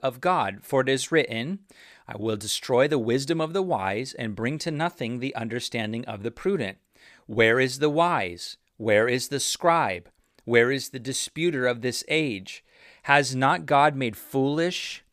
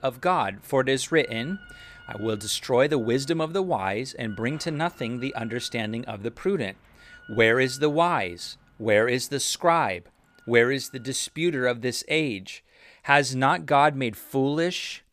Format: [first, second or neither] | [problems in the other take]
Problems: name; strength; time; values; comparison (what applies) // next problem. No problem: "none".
first | machinery noise; faint; throughout; 25 dB below the speech